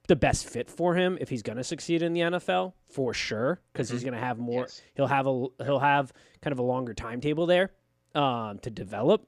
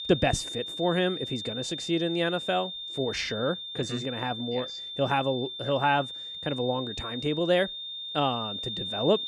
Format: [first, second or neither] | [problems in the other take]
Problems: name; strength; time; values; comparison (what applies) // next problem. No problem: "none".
first | high-pitched whine; loud; throughout; 3.5 kHz, 5 dB below the speech